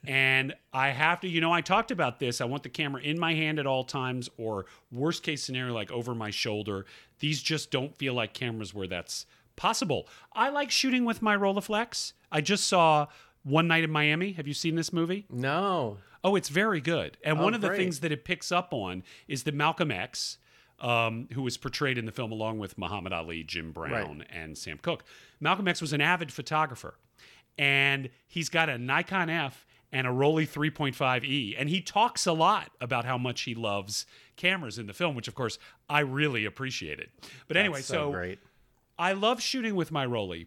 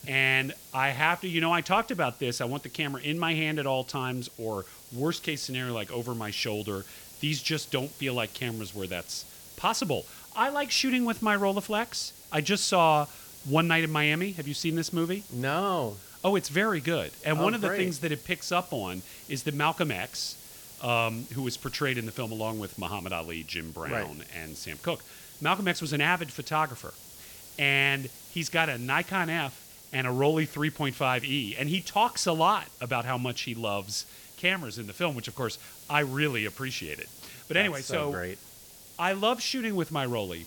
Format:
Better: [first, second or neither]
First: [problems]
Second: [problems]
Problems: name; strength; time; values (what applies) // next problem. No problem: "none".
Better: first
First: none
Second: hiss; noticeable; throughout; 15 dB below the speech